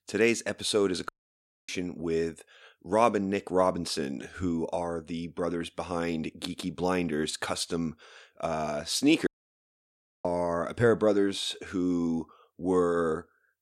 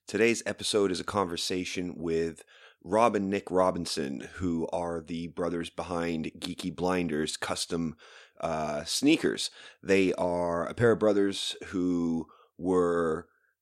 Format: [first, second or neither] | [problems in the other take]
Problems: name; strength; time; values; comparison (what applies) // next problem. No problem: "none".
second | audio cutting out; at 1 s for 0.5 s and at 9.5 s for 1 s